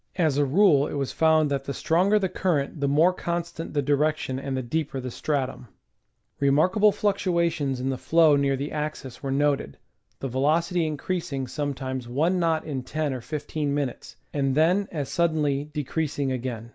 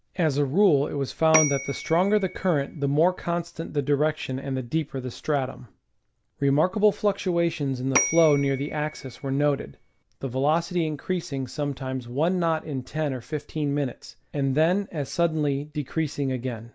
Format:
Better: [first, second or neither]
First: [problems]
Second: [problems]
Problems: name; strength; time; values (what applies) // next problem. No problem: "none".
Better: first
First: none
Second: background sound (Bell / Telephone); 7 dB below the speech